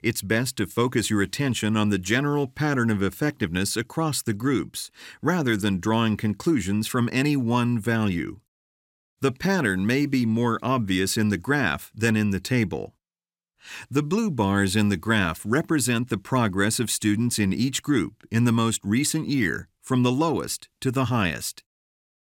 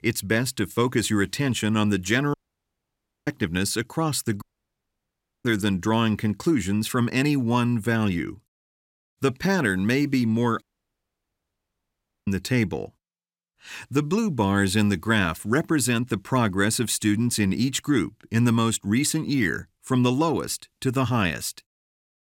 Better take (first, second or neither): first